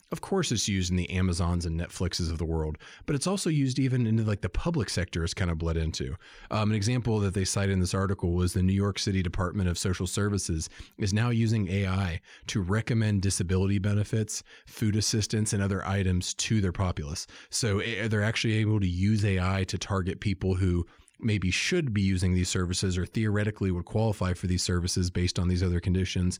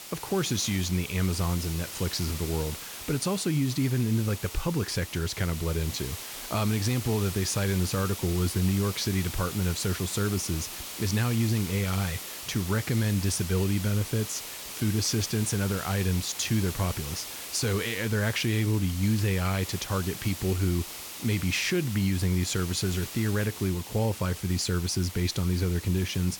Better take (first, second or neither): first